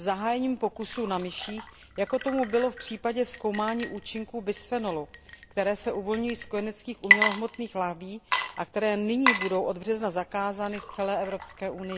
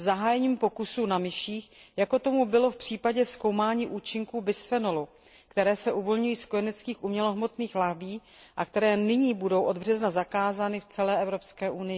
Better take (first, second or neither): second